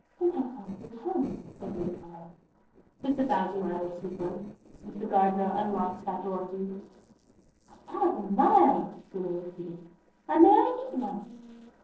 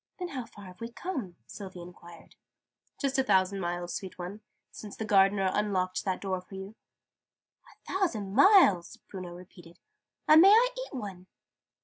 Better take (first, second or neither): second